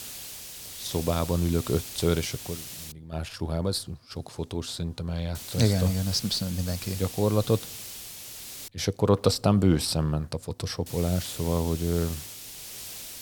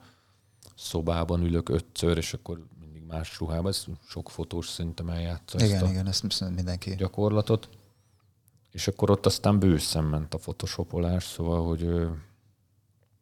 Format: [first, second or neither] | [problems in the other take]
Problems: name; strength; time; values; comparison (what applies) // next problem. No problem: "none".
second | hiss; noticeable; until 3 s, from 5.5 to 8.5 s and from 11 s on; 10 dB below the speech